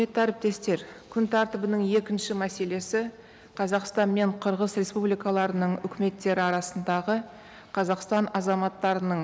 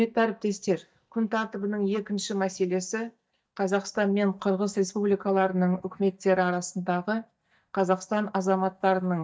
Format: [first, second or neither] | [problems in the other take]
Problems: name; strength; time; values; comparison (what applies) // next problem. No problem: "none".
first | noise reduction (neural mask model DeepFilterNet 3)